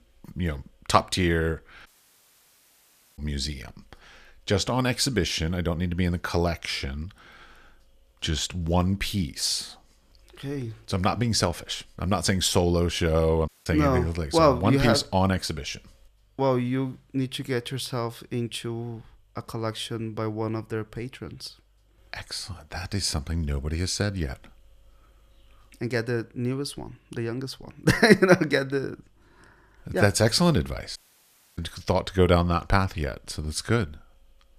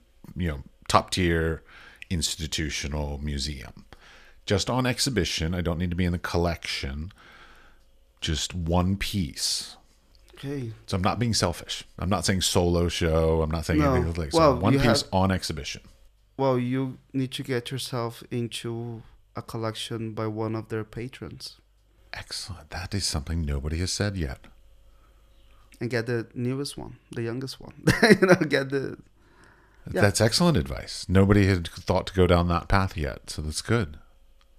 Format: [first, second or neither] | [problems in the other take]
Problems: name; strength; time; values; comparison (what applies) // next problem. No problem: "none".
second | audio cutting out; at 2 s for 1.5 s, at 13 s and at 31 s for 0.5 s